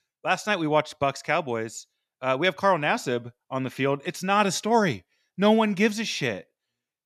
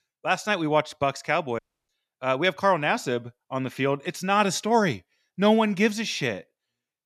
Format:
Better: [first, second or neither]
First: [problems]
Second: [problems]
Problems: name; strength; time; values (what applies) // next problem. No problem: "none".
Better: first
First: none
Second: audio cutting out; at 1.5 s